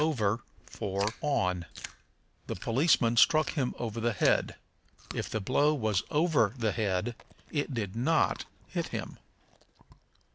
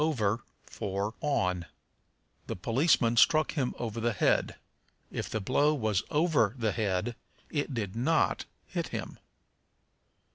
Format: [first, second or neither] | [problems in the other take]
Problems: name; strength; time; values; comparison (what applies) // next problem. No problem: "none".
second | background sound (Chewing, mastication); 19 dB below the speech